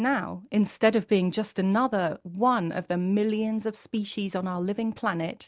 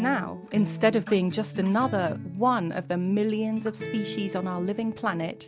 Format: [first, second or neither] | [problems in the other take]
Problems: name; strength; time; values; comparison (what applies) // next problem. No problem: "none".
first | background sound (Acoustic guitar); 11 dB below the speech